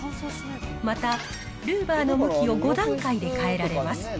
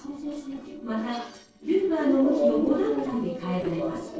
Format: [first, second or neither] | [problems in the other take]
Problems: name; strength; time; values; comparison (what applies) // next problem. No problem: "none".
first | noise reduction (neural separator model SepFormer DNS4)